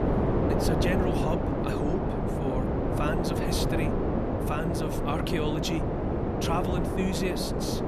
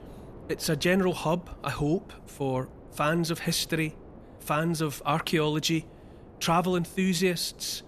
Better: second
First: wind noise on the microphone; heavy; 3 dB above the speech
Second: wind noise on the microphone; occasional gusts; 25 dB below the speech

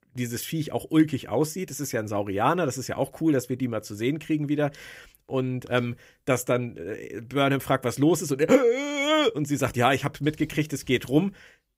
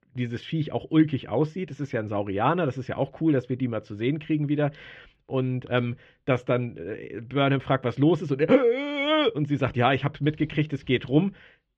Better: first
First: none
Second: muffled; very; fading above 3.5 kHz

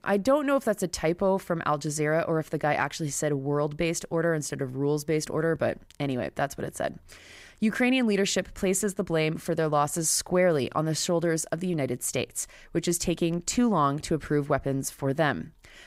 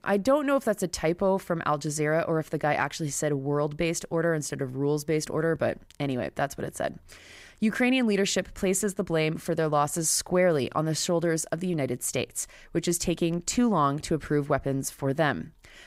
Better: neither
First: none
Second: none

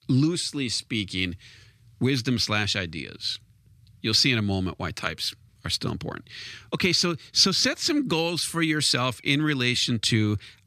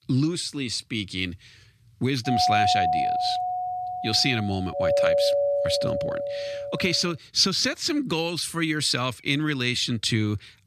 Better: first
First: none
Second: doorbell; loud; from 2.5 to 7 s; peak 4 dB above the speech

